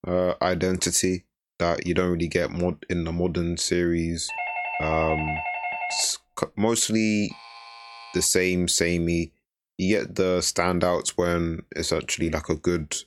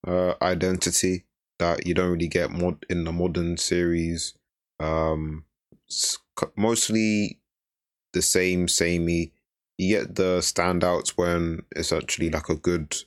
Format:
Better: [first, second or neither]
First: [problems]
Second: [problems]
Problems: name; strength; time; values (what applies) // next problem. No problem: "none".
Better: second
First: doorbell; noticeable; from 4.5 to 6 s; peak 3 dB below the speech // alarm; faint; at 7.5 s; peak 15 dB below the speech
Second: none